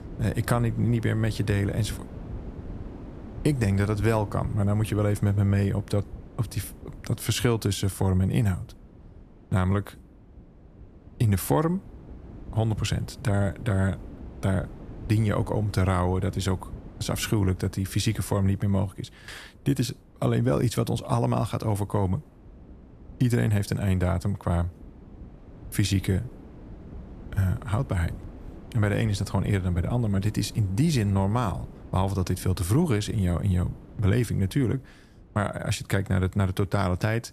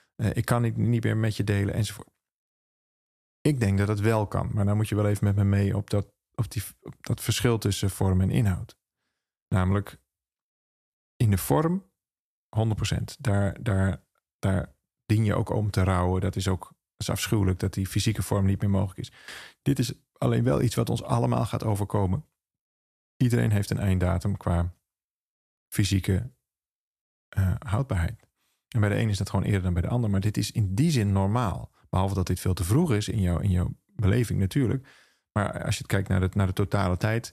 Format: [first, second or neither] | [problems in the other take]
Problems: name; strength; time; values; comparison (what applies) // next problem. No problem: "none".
second | wind noise on the microphone; occasional gusts; 20 dB below the speech